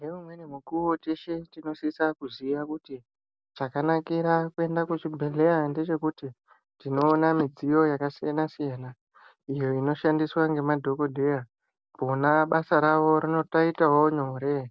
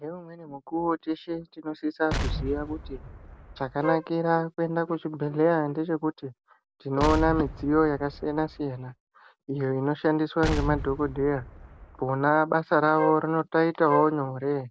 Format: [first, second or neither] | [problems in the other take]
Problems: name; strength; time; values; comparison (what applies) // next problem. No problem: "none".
first | background sound (Wind instrument, woodwind instrument + Explosion); 7 dB below the speech